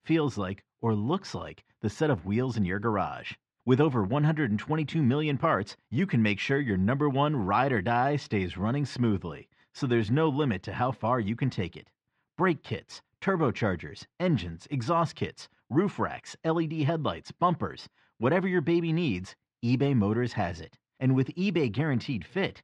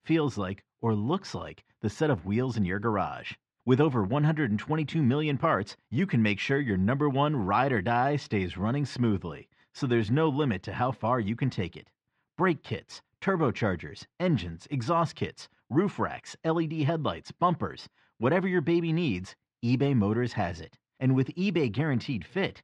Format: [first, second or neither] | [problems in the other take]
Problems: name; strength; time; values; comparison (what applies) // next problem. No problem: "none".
neither | muffled; slightly; fading above 3.5 kHz; the same in both